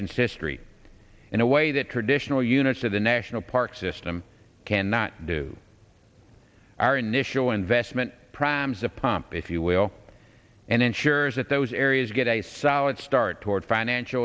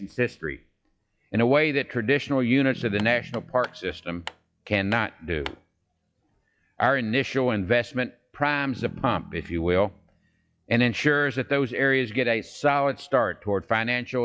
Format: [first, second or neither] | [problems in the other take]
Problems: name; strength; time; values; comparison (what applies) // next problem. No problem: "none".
first | noise reduction (classical method log-MMSE)